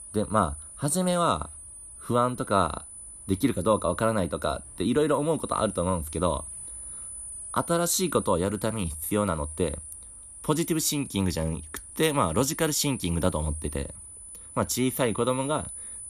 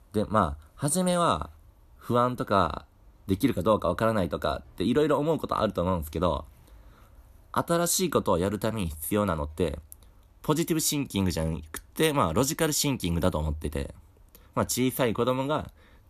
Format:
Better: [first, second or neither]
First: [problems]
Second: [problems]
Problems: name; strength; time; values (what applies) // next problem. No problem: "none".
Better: second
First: high-pitched whine; noticeable; throughout; 10 kHz, 10 dB below the speech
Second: none